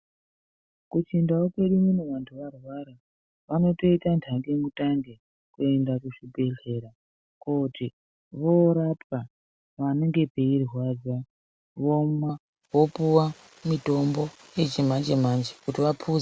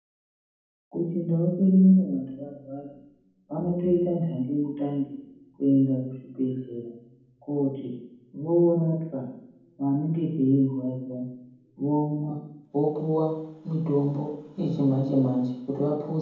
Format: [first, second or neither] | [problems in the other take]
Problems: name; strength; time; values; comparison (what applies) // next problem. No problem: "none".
first | room echo; dies away in 1.2 s